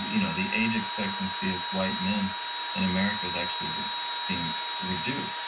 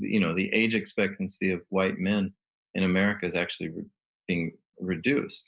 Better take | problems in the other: second | background sound (Engine / Drill); as loud as the speech // room echo; dies away in 0.1 s

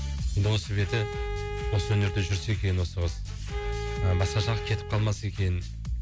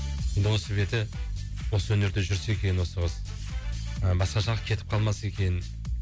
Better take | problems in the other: second | background sound (Bowed string instrument); 12 dB below the speech

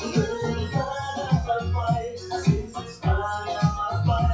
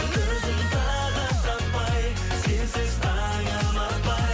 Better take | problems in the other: second | noise reduction (classical method WPE with log-MMSE)

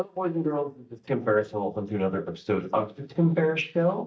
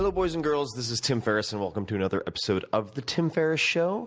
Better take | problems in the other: second | noise reduction (neural mask model DeepFilterNet 3)

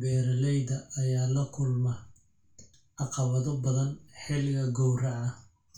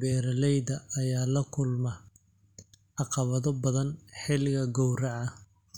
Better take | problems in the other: second | room echo; dies away in 0.2 s

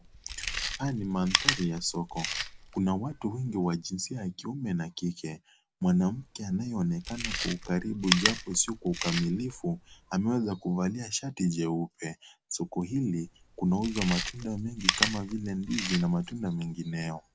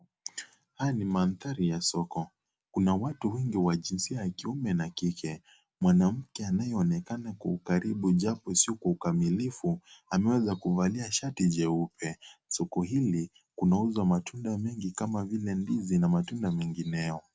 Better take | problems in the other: second | background sound (Chewing, mastication); 6 dB below the speech

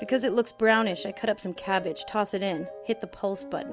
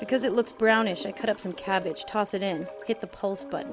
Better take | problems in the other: first | background sound (Toilet flush / Gurgling); 20 dB below the speech

